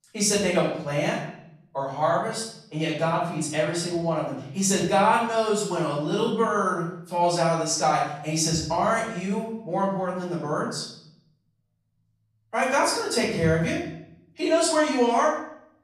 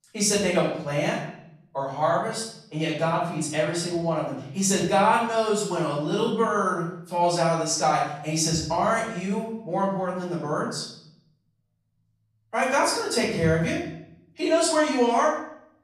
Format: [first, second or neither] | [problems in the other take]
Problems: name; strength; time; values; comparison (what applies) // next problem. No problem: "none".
neither | room echo; noticeable; dies away in 0.7 s; the same in both // off-mic speech; far; the same in both